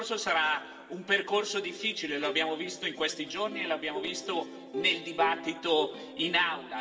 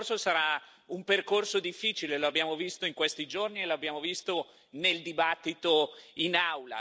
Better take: second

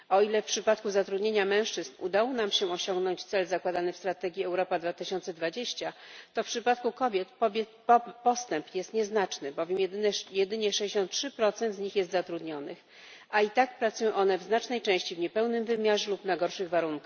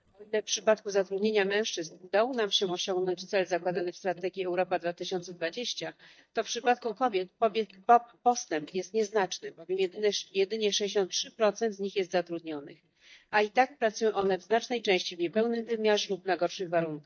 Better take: first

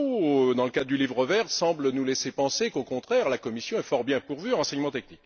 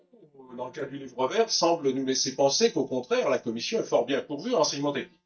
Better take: first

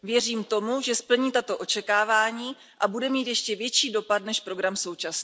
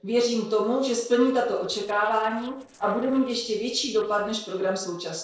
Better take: first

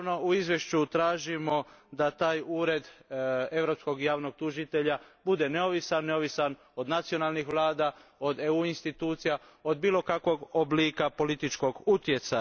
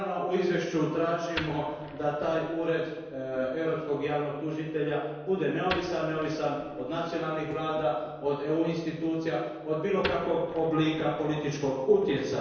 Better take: first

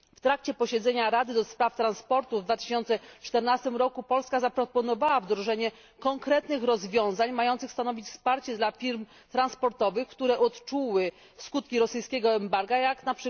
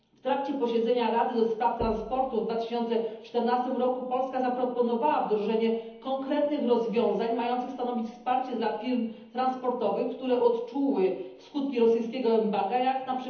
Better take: first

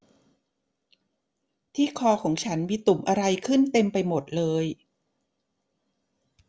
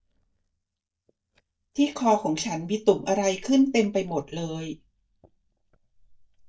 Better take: first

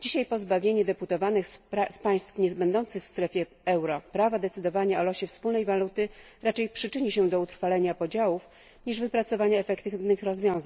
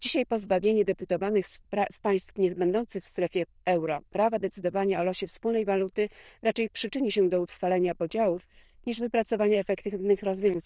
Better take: first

